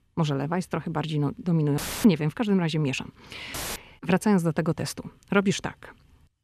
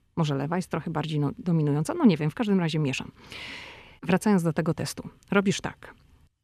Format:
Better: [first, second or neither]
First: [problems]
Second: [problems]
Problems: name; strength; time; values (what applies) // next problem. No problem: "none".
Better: second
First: audio cutting out; filled with static; at 2 s and at 3.5 s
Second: none